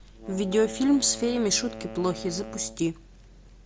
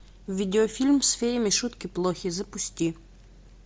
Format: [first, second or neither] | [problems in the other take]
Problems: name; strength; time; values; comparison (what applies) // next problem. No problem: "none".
second | background sound (Wind instrument, woodwind instrument); 14 dB below the speech